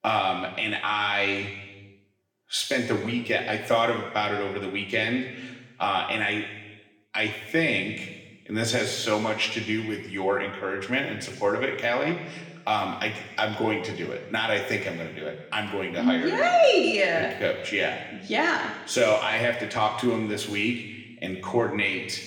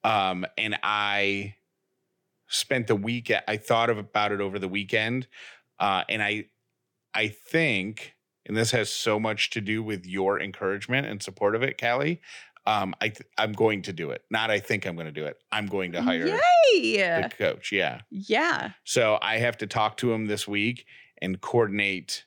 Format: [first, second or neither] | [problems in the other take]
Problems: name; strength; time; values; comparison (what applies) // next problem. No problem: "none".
second | room echo; noticeable; dies away in 1.1 s // off-mic speech; somewhat distant